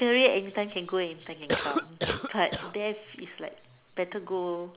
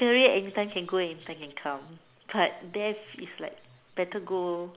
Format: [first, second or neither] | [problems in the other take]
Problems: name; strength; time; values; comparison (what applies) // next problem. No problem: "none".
second | background sound (Cough); 2 dB below the speech